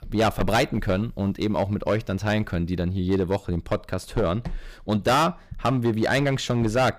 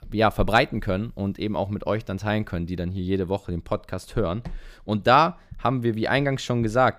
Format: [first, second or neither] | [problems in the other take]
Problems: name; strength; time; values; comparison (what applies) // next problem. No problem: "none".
second | distortion; heavy; 8% of the sound clipped